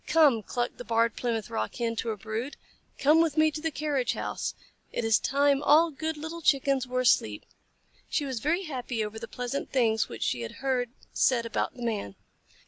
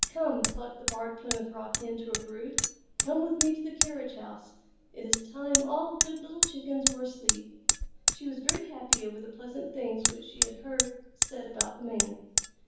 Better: first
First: none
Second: background sound (Hammer); 4 dB above the speech // room echo; dies away in 0.9 s

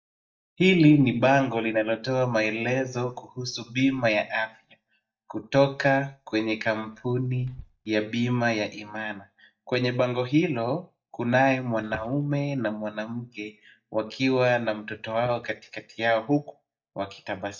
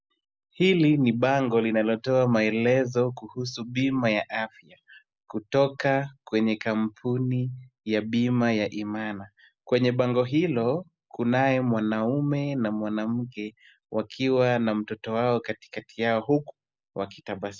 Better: second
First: noise reduction (neural mask model DeepFilterNet 3)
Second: none

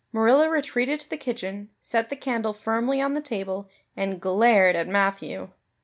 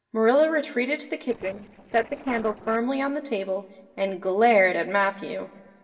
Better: first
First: none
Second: noise reduction (neural separator model SepFormer DNS4)

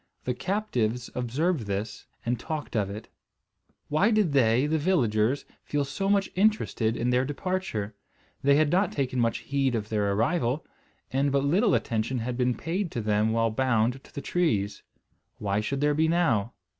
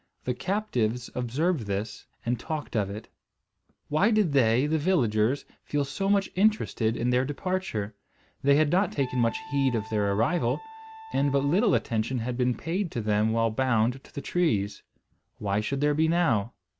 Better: first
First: none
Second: background sound (Wind instrument, woodwind instrument); 17 dB below the speech

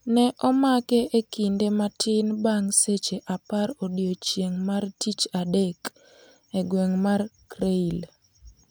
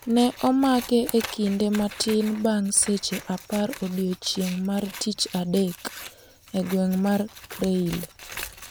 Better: first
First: none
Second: background sound (Scissors); 16 dB below the speech

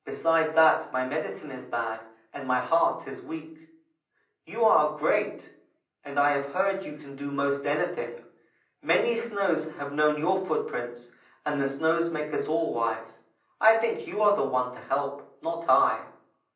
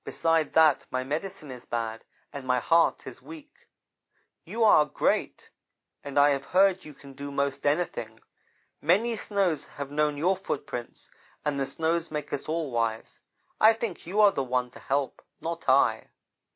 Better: second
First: room echo; dies away in 0.6 s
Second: none

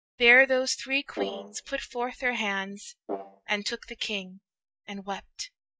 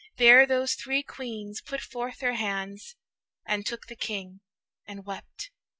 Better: second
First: noise reduction (neural mask model DeepFilterNet 3)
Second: none

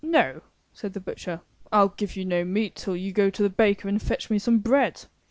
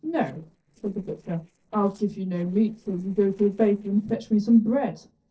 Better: first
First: none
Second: noise reduction (neural separator model SepFormer DNS4)

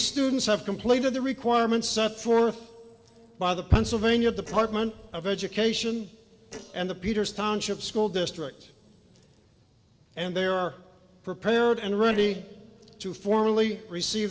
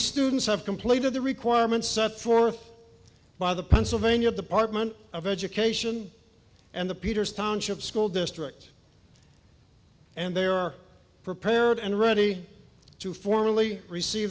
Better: second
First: noise reduction (neural separator model SepFormer DNS4)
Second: none

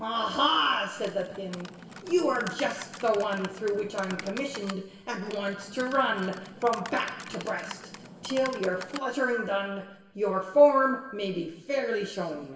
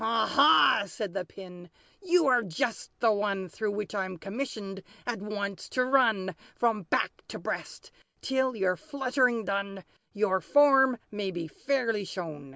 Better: second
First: background sound (Typing); 14 dB below the speech // room echo; dies away in 1.1 s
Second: none

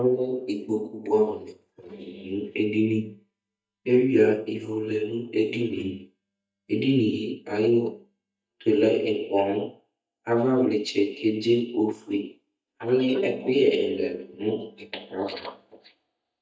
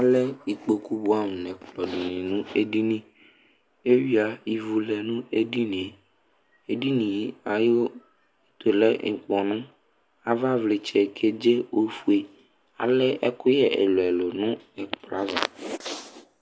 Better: second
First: noise reduction (neural mask model DeepFilterNet 3)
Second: none

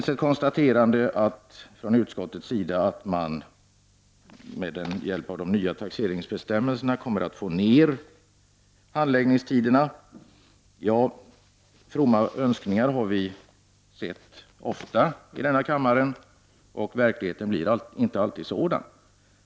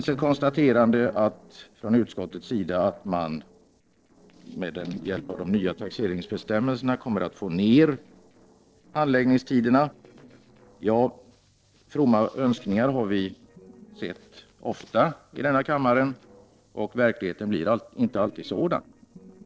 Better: first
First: none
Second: noise reduction (neural separator model SepFormer DNS4)

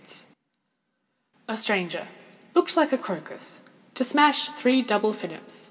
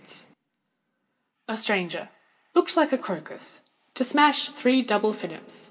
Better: first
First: none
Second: noise reduction (neural mask model Resemble Enhance denoiser)

